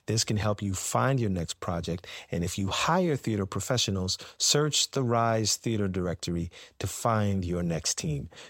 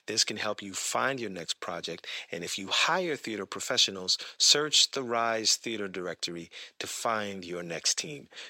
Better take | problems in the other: first | thin; somewhat; fading below 300 Hz

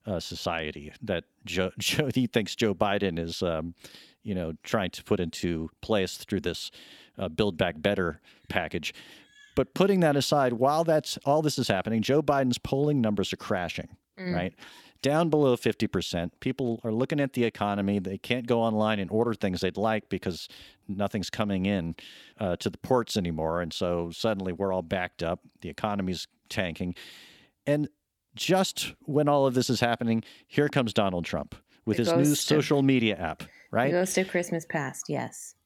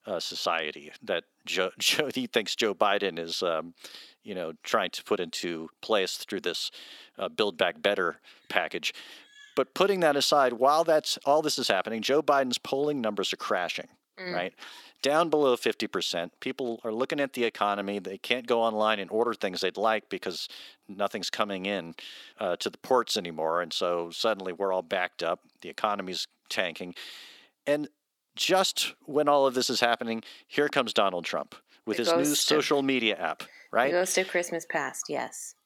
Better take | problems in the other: first | thin; somewhat; fading below 350 Hz

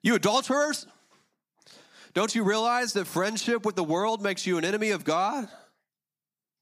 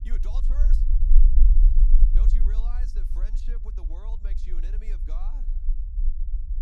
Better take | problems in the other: first | low rumble; loud; throughout; as loud as the speech

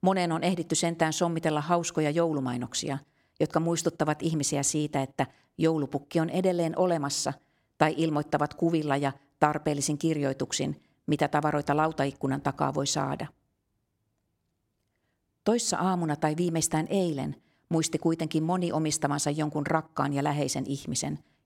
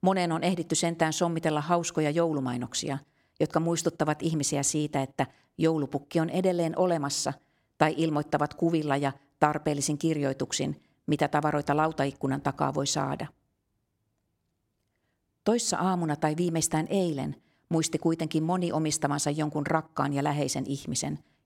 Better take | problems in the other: neither | none

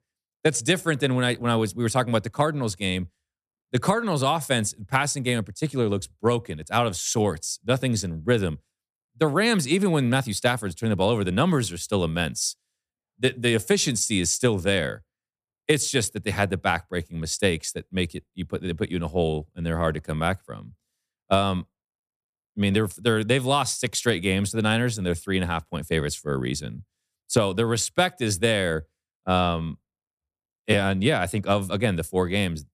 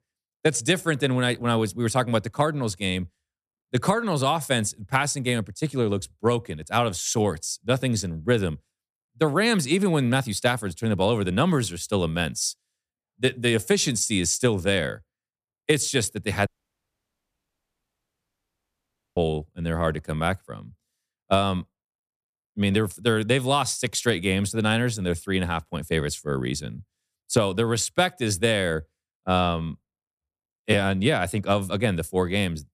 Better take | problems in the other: first | audio cutting out; at 16 s for 2.5 s

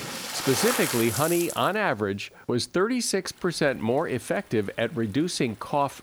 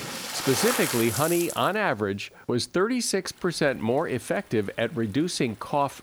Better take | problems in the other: neither | rain or running water; loud; throughout; 3 dB below the speech; the same in both

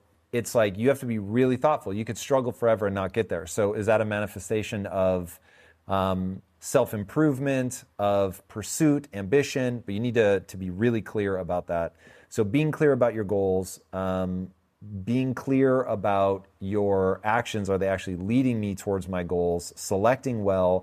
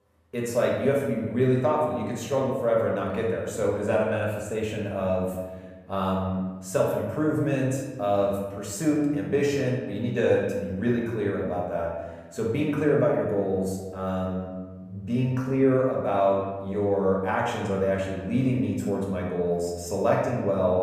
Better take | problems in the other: first | room echo; noticeable; dies away in 1.1 s // off-mic speech; far

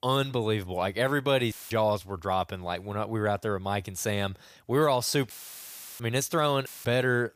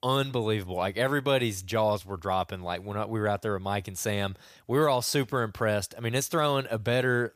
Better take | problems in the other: second | audio cutting out; filled with static; at 1.5 s, at 5.5 s for 0.5 s and at 6.5 s

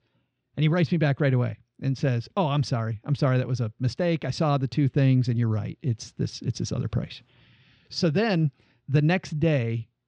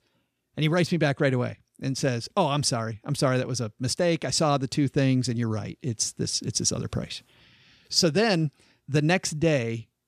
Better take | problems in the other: second | muffled; slightly; fading above 4 kHz

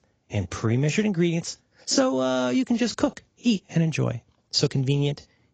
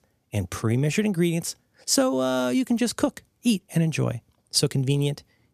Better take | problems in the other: second | garbled, watery; badly; nothing above 7.5 kHz

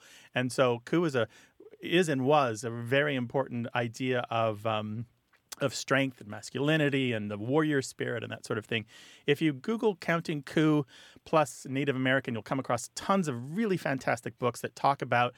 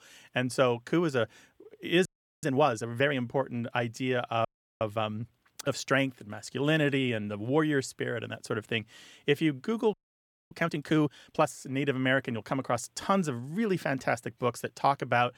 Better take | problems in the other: first | audio freezing; at 2 s, at 4.5 s and at 10 s for 0.5 s

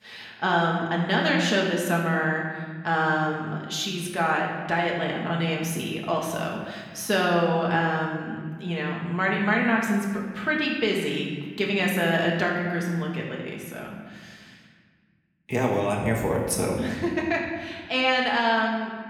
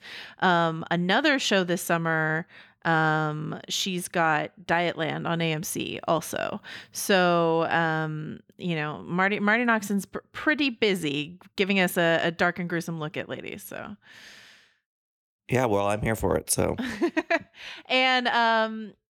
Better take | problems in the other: second | room echo; noticeable; dies away in 1.5 s // off-mic speech; far

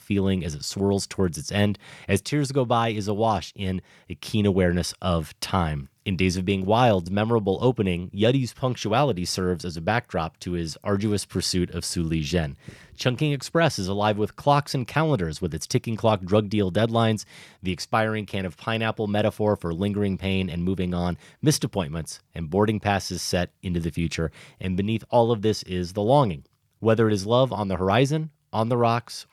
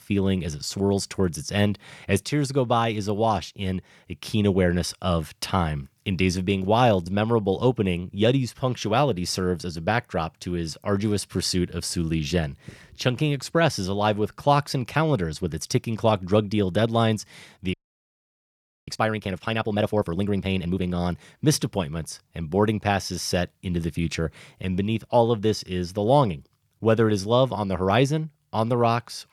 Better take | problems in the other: first | audio freezing; at 18 s for 1 s

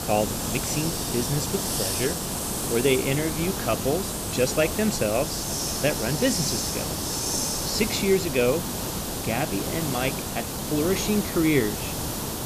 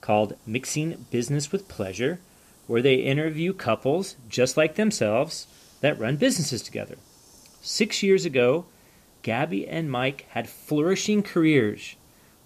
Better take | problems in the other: second | hiss; loud; throughout; 1 dB below the speech; faint in the second

